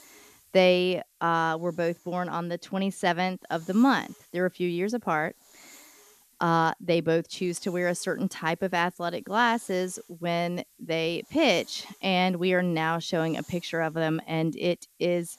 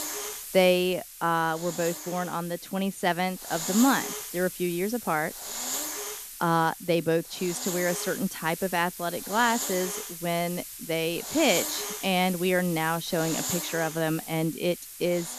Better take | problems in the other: first | hiss; loud; throughout; 7 dB below the speech; faint in the first

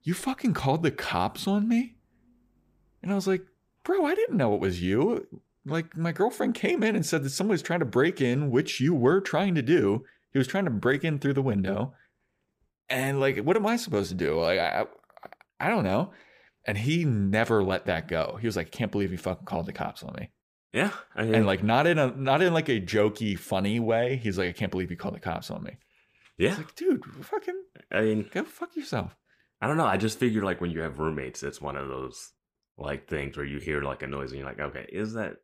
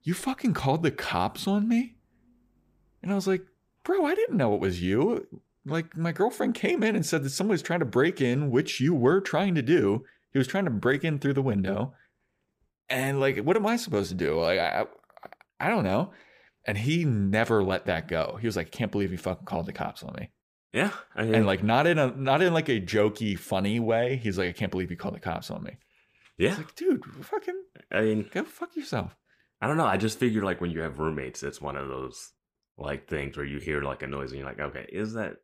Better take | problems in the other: neither | none

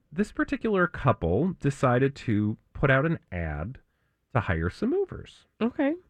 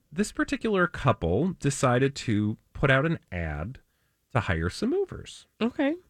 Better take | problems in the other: second | muffled; slightly; fading above 3.5 kHz

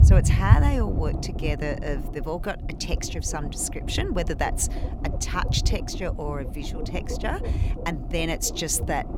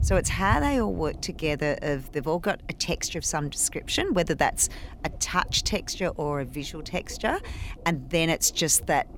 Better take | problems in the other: second | low rumble; loud; throughout; 9 dB below the speech; faint in the second

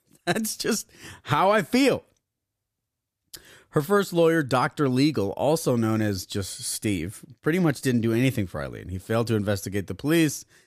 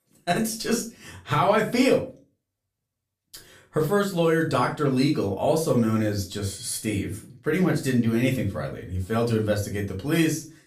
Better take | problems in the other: first | off-mic speech; far // room echo; very slight; dies away in 0.3 s

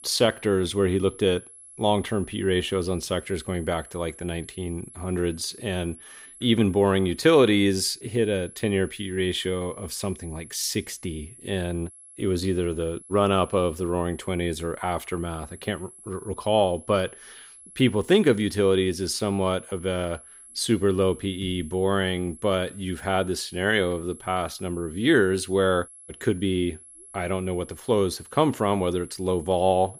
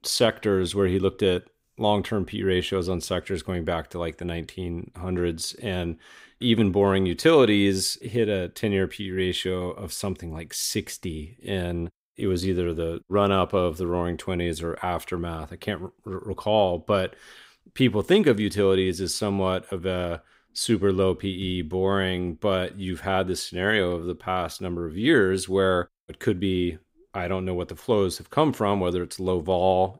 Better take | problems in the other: second | high-pitched whine; noticeable; throughout; 11 kHz, 20 dB below the speech

